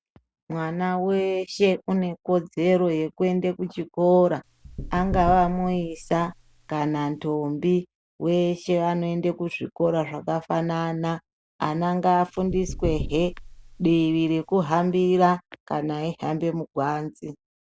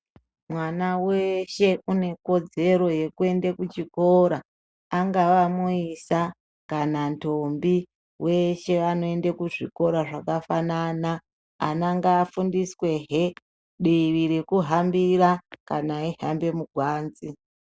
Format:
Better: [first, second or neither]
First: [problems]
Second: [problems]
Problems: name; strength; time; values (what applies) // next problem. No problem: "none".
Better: second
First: background sound (Knock / Wood); 11 dB below the speech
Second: none